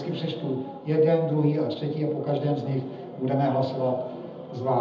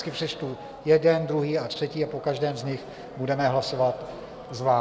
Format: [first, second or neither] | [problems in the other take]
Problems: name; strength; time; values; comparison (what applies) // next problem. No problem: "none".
second | room echo; dies away in 0.8 s